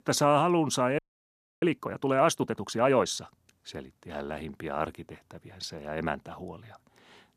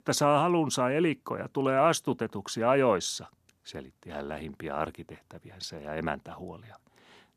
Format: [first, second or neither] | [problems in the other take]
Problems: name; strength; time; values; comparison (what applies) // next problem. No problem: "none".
second | audio freezing; at 1 s for 0.5 s